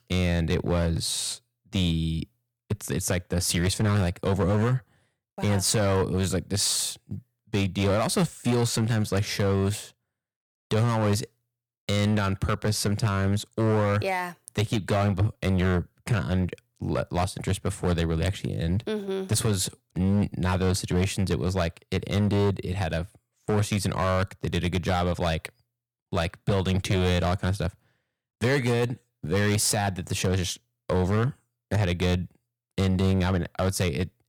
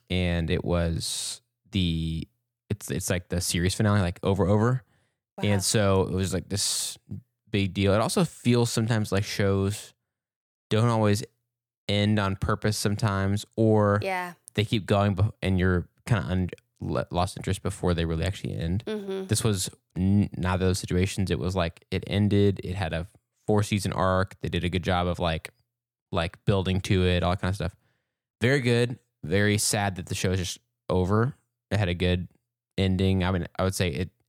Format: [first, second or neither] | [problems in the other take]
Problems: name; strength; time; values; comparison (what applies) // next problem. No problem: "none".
second | distortion; slight; 8% of the sound clipped